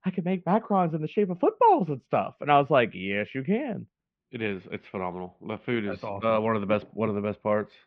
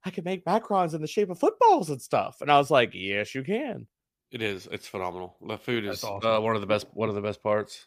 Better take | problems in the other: second | muffled; very; fading above 2.5 kHz

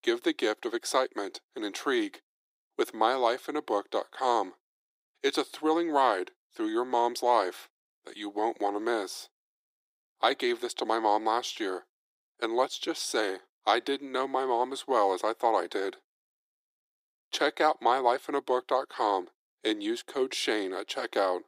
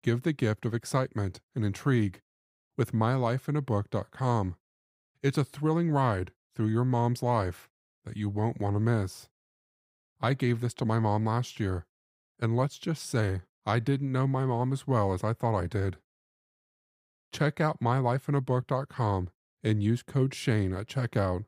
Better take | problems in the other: second | thin; very; fading below 350 Hz

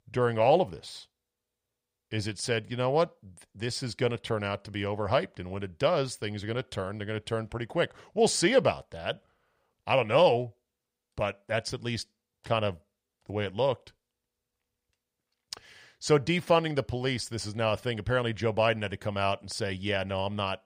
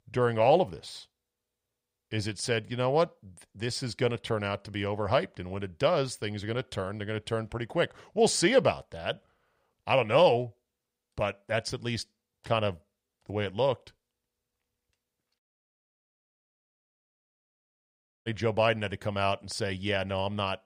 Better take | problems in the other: first | audio cutting out; at 15 s for 3 s

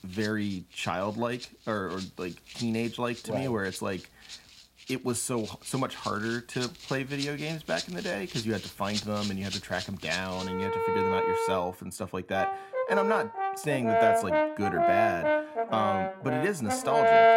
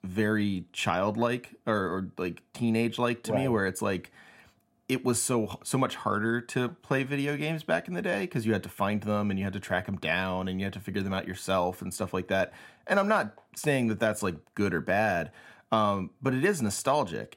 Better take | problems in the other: second | background music; very loud; throughout; 3 dB above the speech

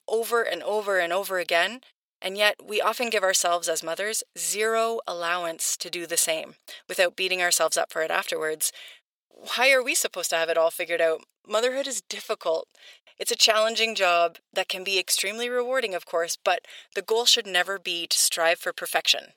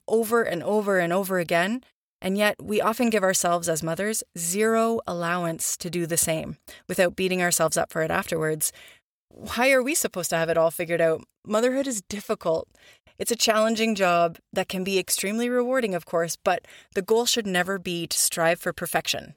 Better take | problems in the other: second | thin; somewhat; fading below 500 Hz

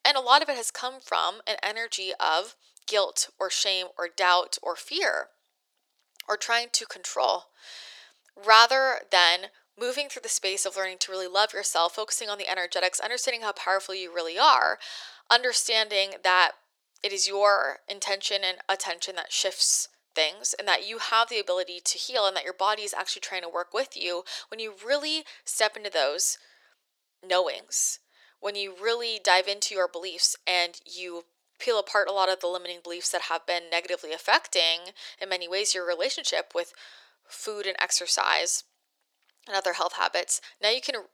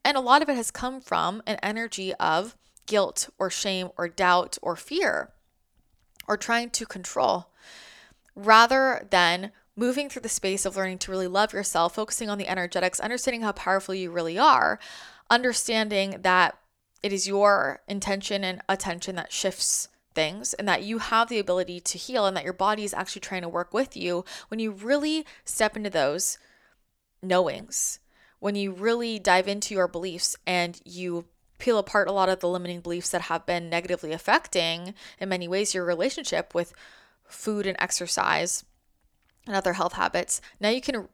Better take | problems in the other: second | thin; very; fading below 400 Hz

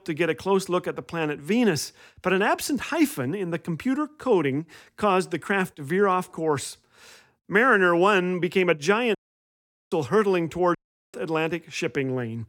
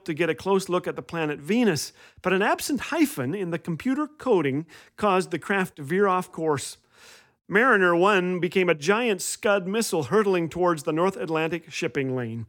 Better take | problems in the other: second | audio cutting out; at 9 s for 1 s and at 11 s

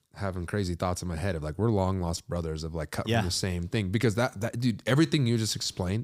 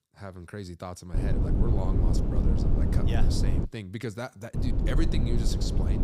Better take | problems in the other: first | wind noise on the microphone; heavy; from 1 to 3.5 s and from 4.5 s on; 1 dB above the speech

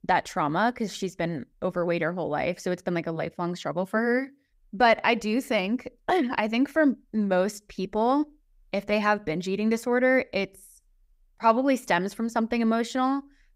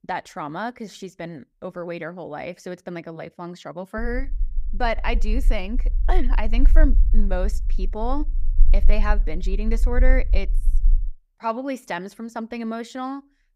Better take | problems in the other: first | low rumble; faint; from 4 to 11 s; 20 dB below the speech

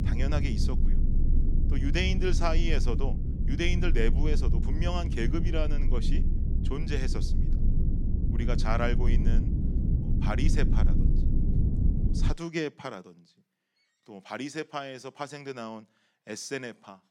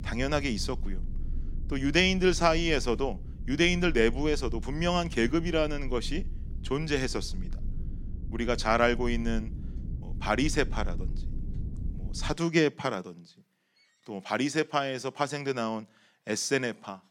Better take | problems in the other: second | low rumble; loud; until 12 s; 7 dB below the speech; faint in the second

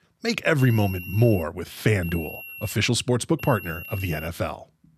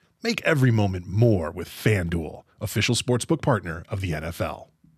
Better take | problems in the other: second | high-pitched whine; noticeable; at 0.5 s, at 2 s and at 3.5 s; 2.5 kHz, 15 dB below the speech

